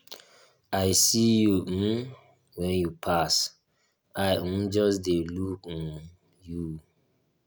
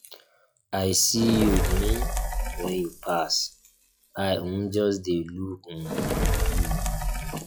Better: first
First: none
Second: noise reduction (classical method log-MMSE)

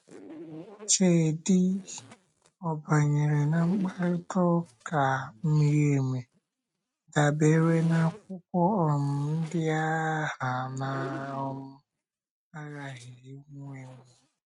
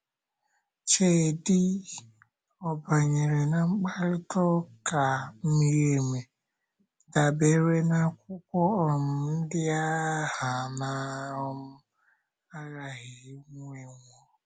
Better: second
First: noise reduction (neural mask model RNNoise)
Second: none

